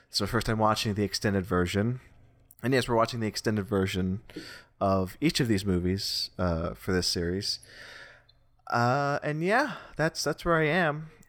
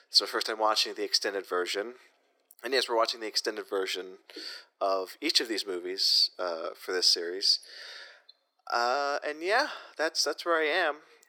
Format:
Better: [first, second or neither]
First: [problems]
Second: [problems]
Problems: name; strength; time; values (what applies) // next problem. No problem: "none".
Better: first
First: none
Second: thin; very; fading below 350 Hz